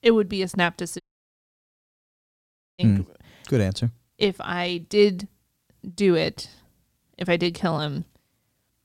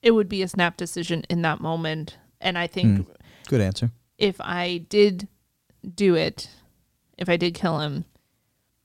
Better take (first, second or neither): second